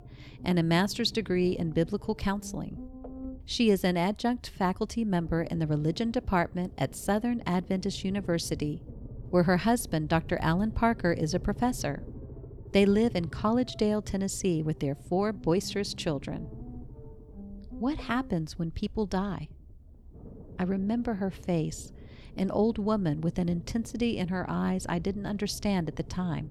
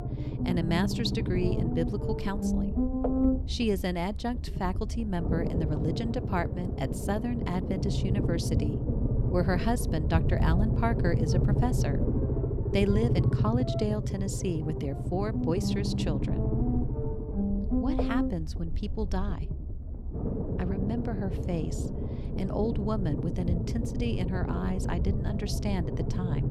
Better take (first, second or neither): first